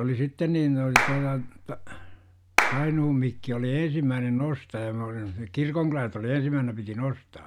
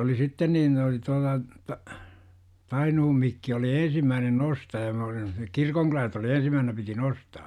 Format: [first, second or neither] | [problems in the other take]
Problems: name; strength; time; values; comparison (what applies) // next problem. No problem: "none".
second | background sound (Clapping); 1 dB below the speech